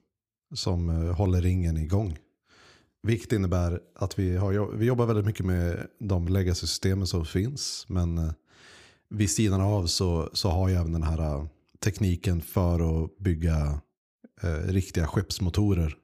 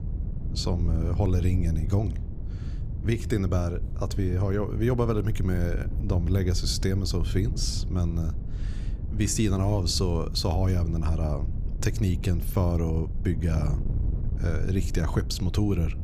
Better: first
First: none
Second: wind noise on the microphone; occasional gusts; 15 dB below the speech

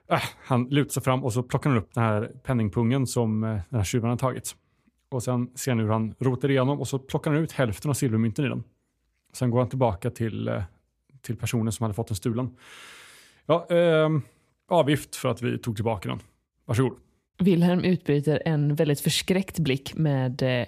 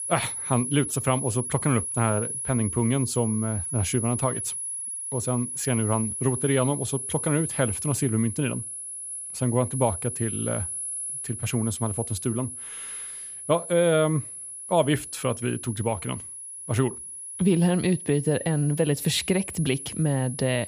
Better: first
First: none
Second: high-pitched whine; loud; throughout; 10.5 kHz, 5 dB below the speech

